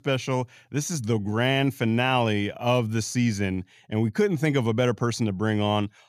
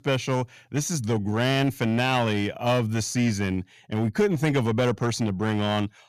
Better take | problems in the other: first | distortion; slight; 7% of the sound clipped

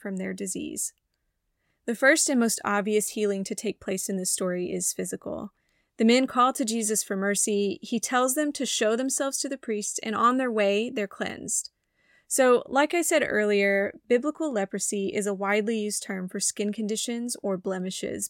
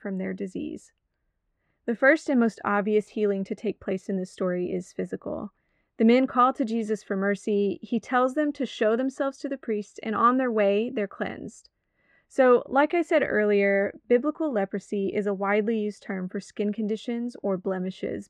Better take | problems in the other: first | muffled; very; fading above 2 kHz

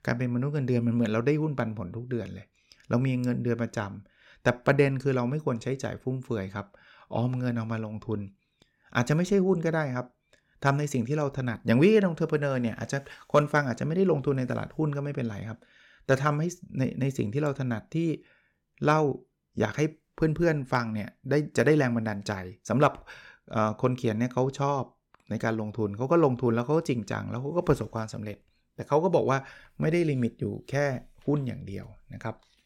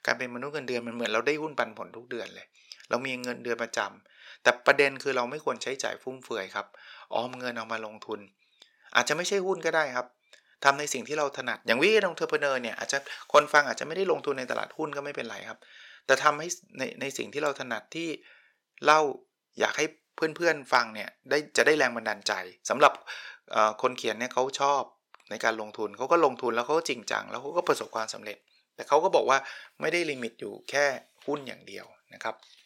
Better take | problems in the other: first | thin; very; fading below 600 Hz

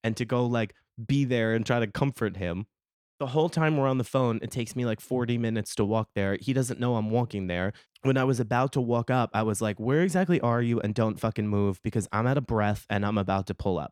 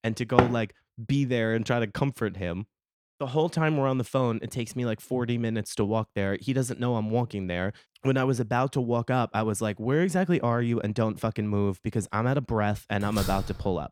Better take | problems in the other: first | door banging; loud; at 0.5 s; peak 3 dB above the speech // door banging; noticeable; at 13 s; peak 6 dB below the speech

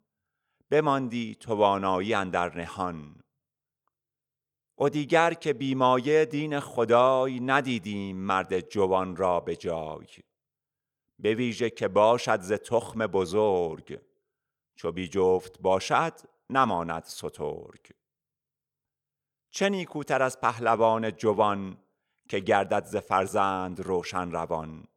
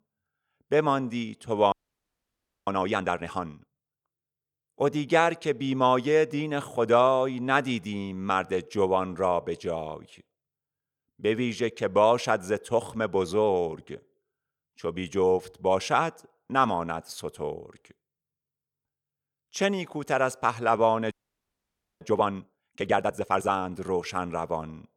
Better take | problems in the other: first | audio freezing; at 1.5 s for 1 s and at 21 s for 1 s

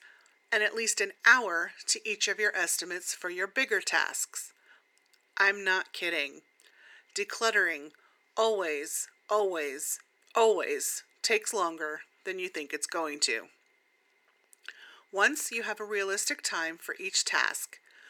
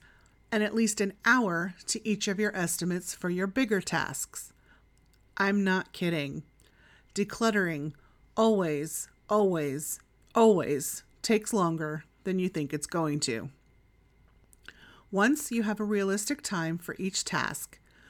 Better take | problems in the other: second | thin; very; fading below 400 Hz

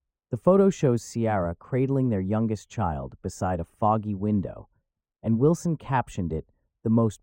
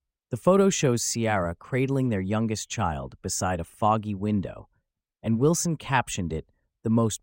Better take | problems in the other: second | muffled; slightly; fading above 1.5 kHz

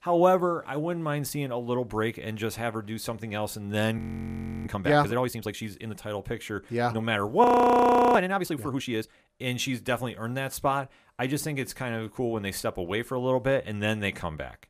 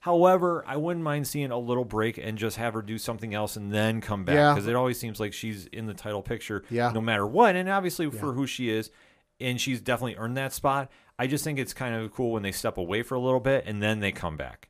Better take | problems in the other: second | audio freezing; at 4 s for 0.5 s and at 7.5 s for 0.5 s

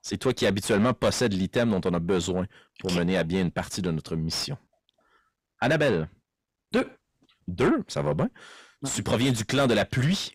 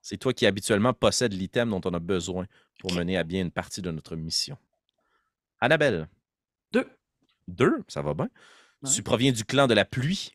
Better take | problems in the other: second | distortion; heavy; 7 dB below the speech

